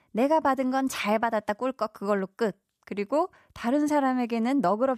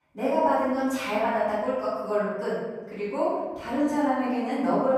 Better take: first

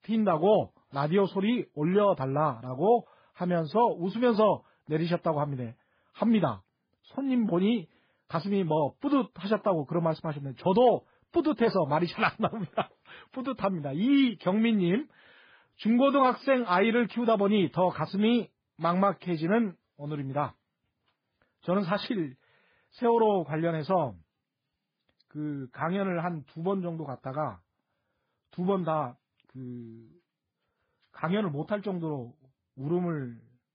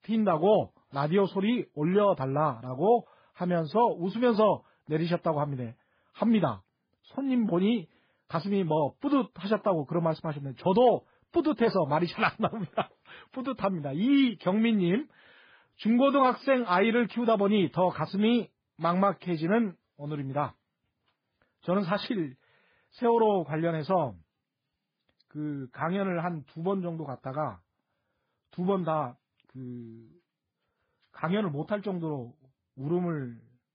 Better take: neither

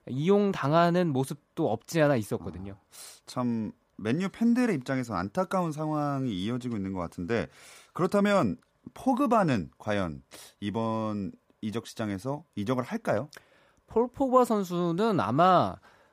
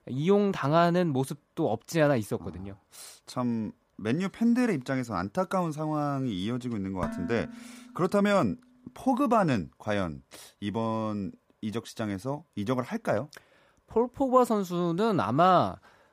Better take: first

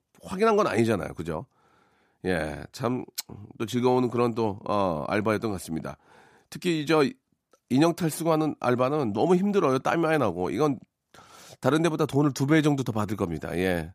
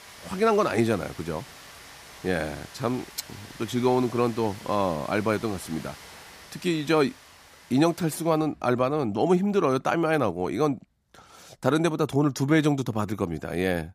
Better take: first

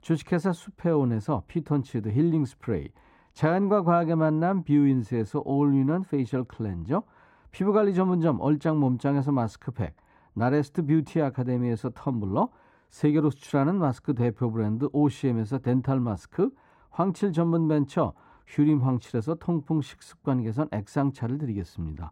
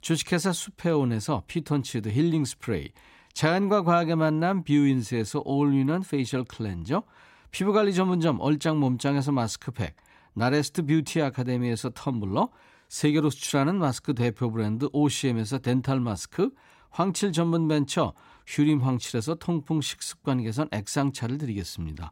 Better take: second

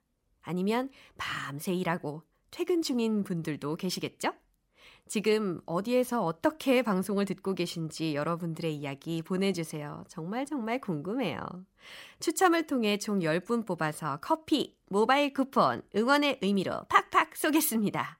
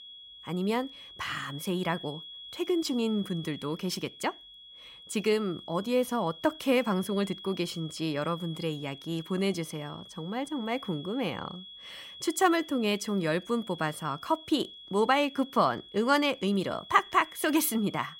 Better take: first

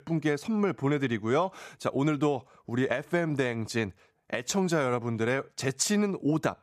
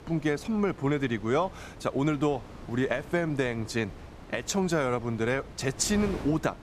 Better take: first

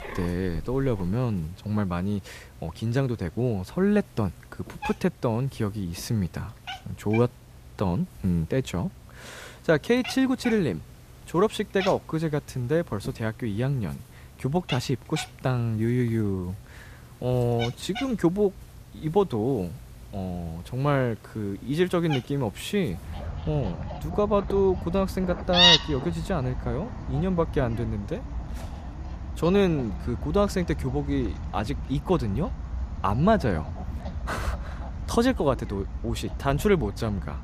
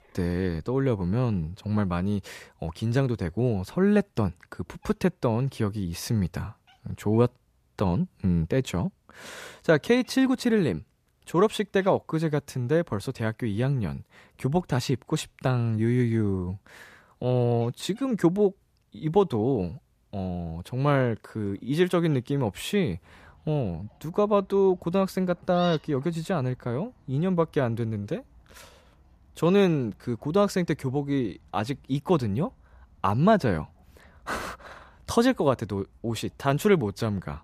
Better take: second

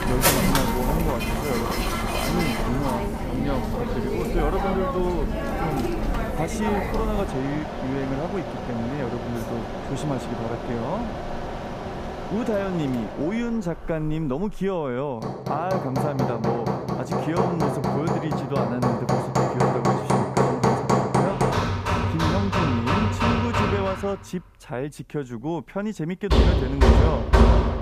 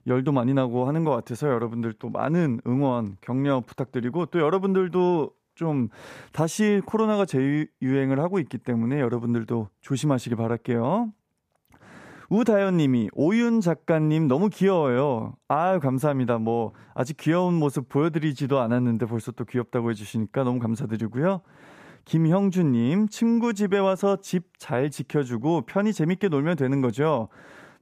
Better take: second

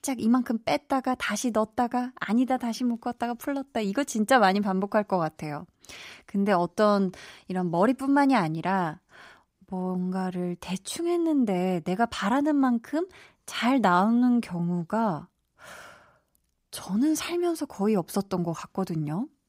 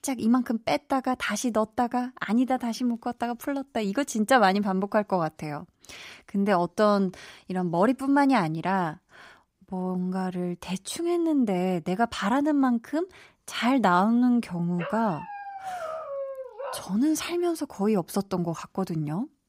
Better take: first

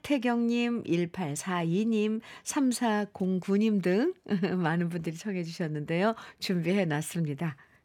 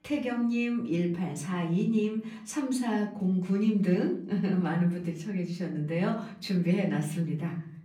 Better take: first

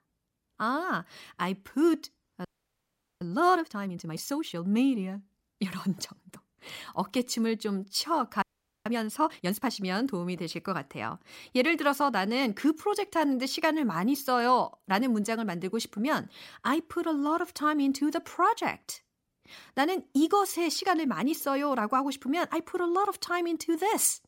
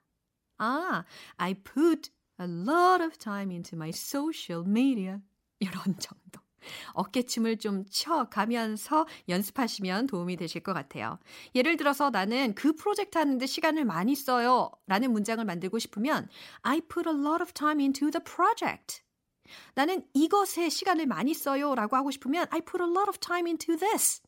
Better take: second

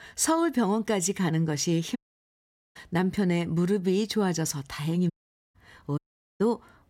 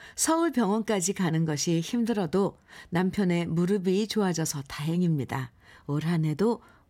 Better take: second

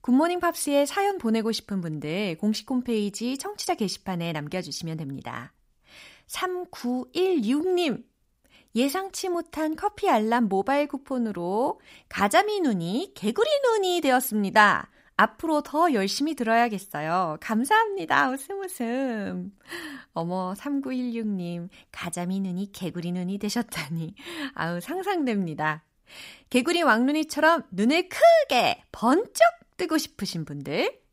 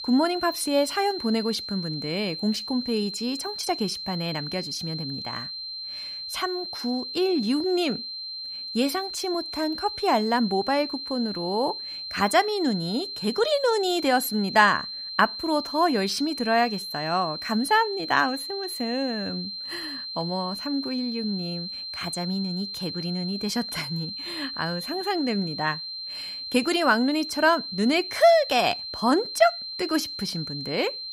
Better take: first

